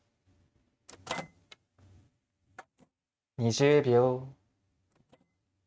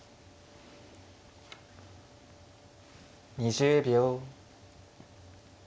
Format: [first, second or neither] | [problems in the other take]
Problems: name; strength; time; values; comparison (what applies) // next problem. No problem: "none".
second | noise reduction (neural mask model RNNoise)